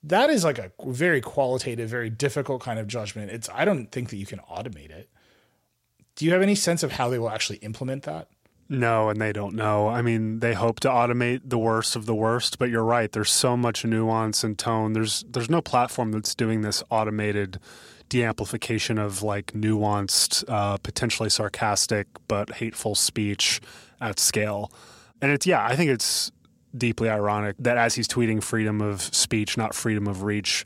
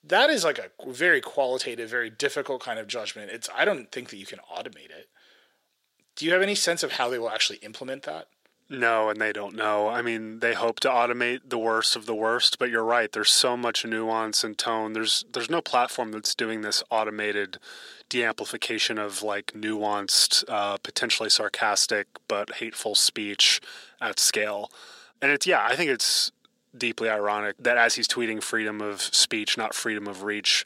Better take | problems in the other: first | thin; somewhat; fading below 400 Hz

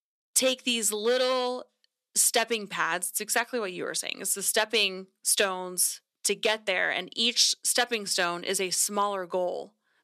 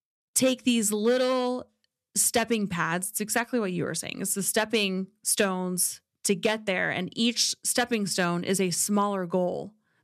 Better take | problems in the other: second | thin; somewhat; fading below 400 Hz

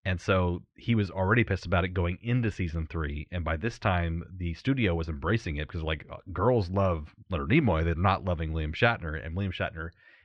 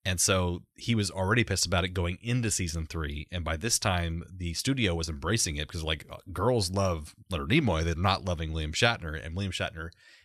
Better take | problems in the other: second | muffled; very; fading above 2.5 kHz

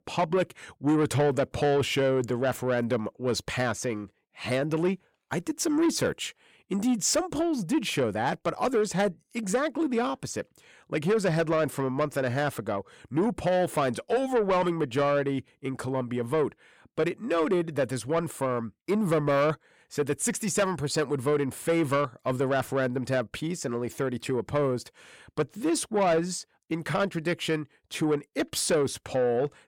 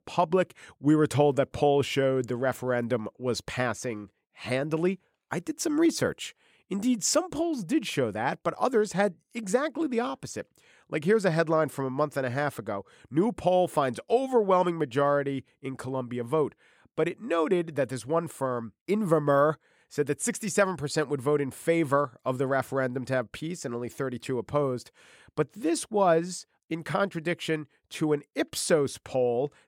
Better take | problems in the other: second | distortion; slight; 10 dB below the speech

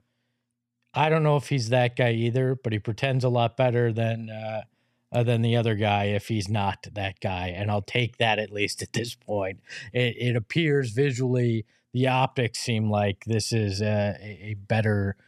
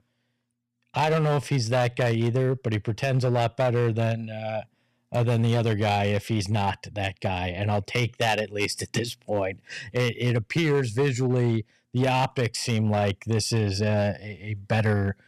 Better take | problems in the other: first | distortion; slight; 6% of the sound clipped

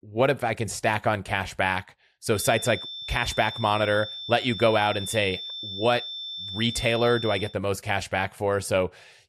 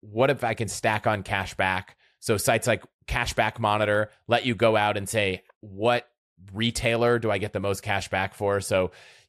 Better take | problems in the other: second | high-pitched whine; loud; from 2.5 to 7.5 s; 3.5 kHz, 8 dB below the speech

